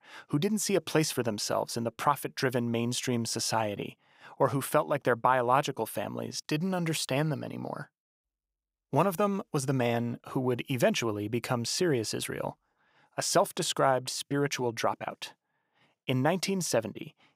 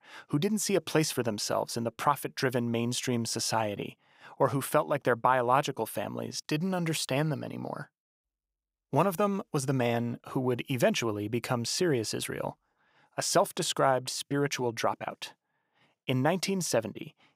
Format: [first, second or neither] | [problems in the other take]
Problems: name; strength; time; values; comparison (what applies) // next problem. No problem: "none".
neither | none